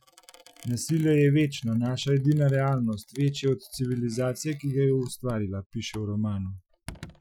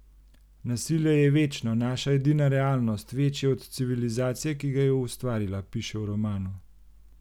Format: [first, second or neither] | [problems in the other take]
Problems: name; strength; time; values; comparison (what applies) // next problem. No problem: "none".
second | noise reduction (classical method Wiener filter)